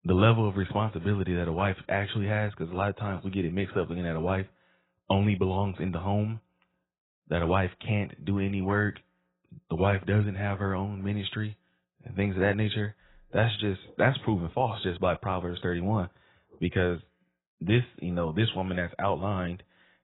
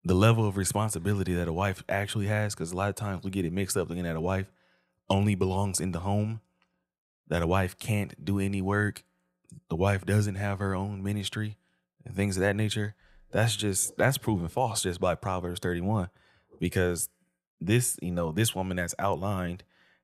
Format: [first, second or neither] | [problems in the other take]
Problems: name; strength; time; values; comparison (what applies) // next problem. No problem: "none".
second | garbled, watery; badly; nothing above 4 kHz